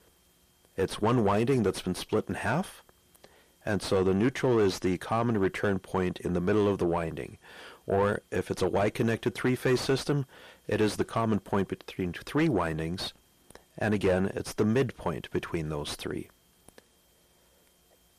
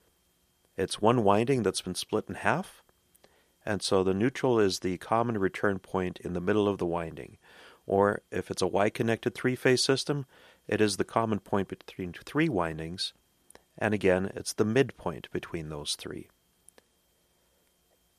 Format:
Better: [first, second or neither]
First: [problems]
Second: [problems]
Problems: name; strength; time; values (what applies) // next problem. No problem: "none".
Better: second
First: distortion; heavy; 7 dB below the speech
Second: none